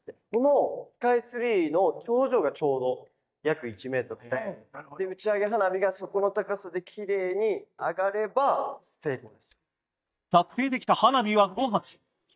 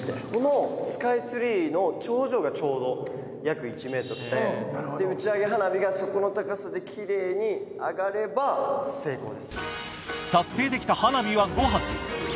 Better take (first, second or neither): second